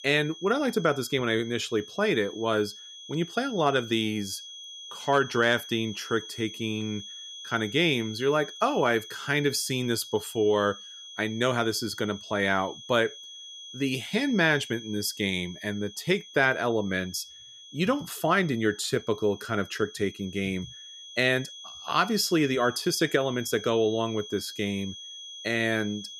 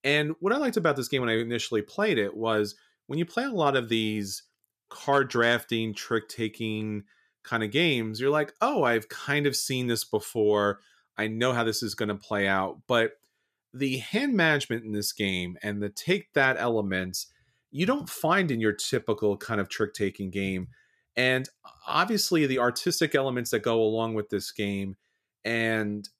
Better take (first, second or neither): second